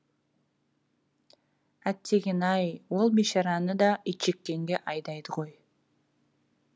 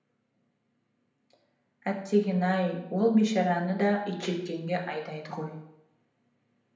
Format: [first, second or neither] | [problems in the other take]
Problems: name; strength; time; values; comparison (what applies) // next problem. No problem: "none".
first | room echo; dies away in 0.8 s